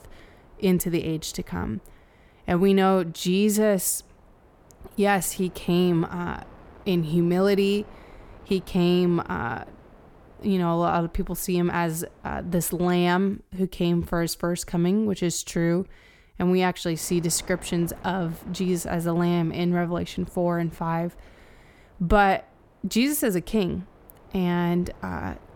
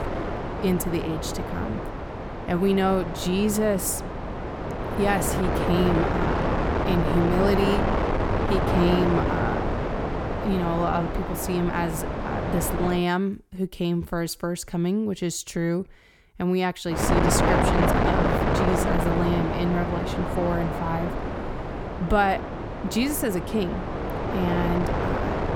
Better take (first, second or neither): first